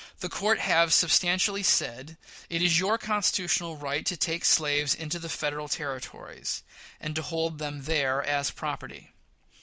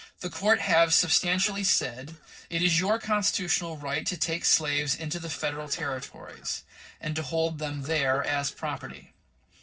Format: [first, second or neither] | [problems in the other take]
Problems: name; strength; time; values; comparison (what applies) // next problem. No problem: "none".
first | noise reduction (neural separator model SepFormer DNS4)